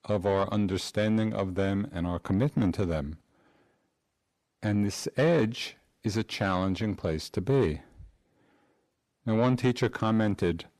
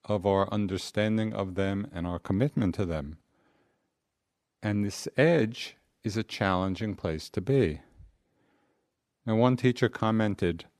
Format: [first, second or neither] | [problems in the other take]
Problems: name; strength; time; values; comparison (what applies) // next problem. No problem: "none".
second | distortion; slight; 10 dB below the speech